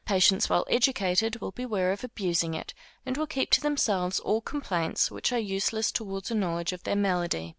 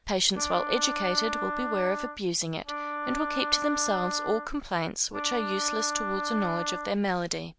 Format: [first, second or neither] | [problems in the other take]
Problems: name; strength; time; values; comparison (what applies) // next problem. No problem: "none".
first | background sound (Wind instrument, woodwind instrument); 4 dB below the speech